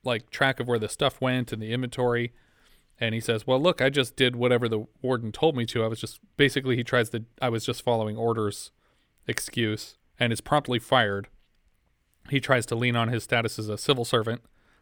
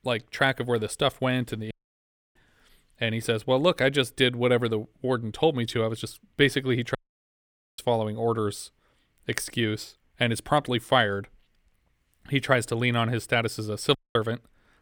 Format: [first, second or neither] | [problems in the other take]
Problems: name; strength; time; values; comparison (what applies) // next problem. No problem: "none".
first | audio cutting out; at 1.5 s for 0.5 s, at 7 s for 1 s and at 14 s